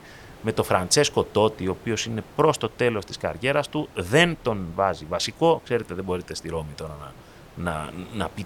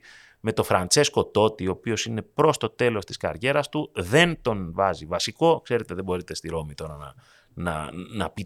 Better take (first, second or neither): second